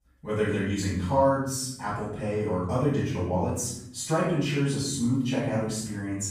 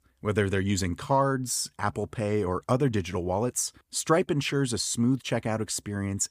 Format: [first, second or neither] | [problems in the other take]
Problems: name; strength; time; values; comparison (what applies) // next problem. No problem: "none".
second | off-mic speech; far // room echo; noticeable; dies away in 0.8 s